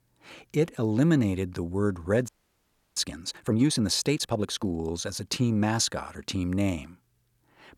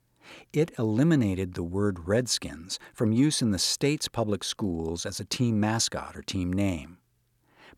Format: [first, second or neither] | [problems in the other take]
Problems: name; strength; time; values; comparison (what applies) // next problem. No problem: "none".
second | audio freezing; at 2.5 s for 0.5 s